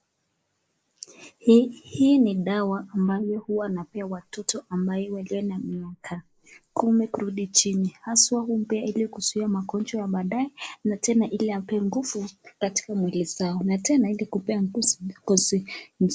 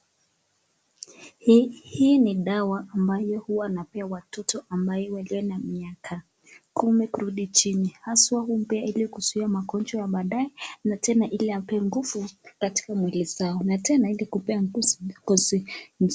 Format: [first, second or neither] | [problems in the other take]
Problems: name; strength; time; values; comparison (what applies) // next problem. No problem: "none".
second | noise reduction (neural mask model Resemble Enhance denoiser)